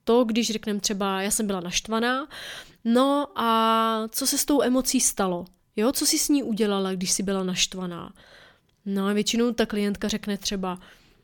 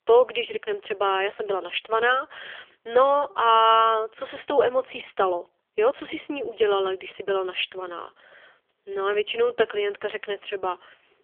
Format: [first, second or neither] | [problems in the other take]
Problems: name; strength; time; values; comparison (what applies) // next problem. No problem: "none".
first | phone-call audio; poor line; nothing above 3.5 kHz